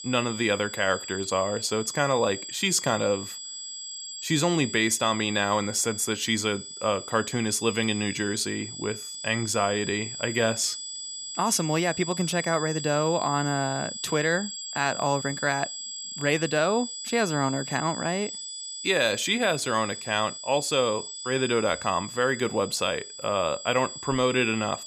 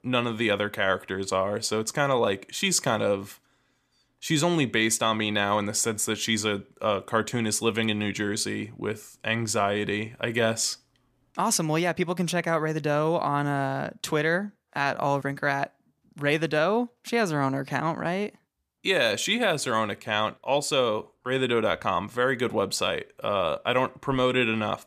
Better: second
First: high-pitched whine; loud; throughout; 7.5 kHz, 8 dB below the speech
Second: none

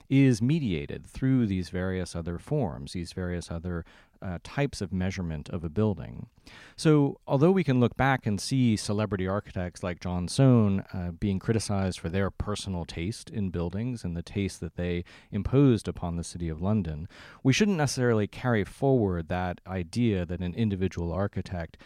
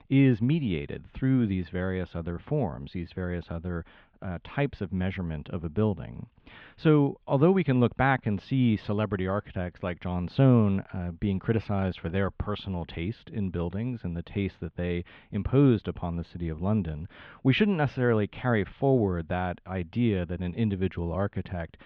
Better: first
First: none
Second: muffled; very; fading above 3.5 kHz

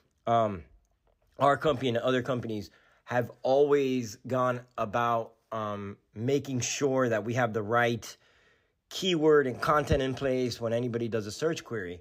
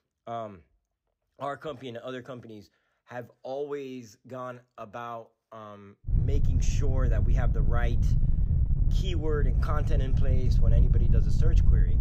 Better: first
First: none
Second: wind noise on the microphone; heavy; from 6 s on; 4 dB below the speech

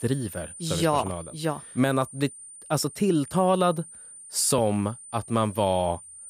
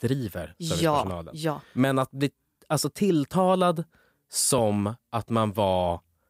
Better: second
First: high-pitched whine; noticeable; throughout; 9 kHz, 15 dB below the speech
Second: none

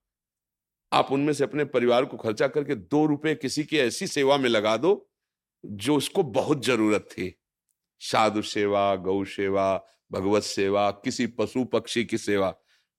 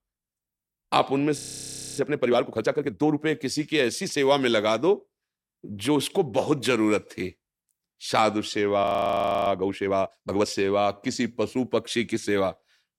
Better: first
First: none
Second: audio freezing; at 1.5 s for 0.5 s and at 9 s for 0.5 s

